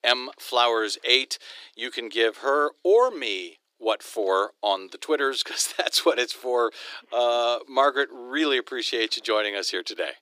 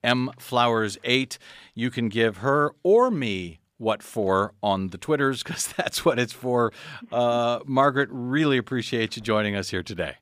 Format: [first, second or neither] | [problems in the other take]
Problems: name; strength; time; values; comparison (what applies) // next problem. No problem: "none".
second | thin; very; fading below 300 Hz